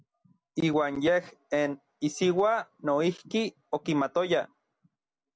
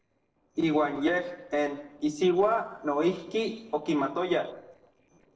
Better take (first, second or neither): first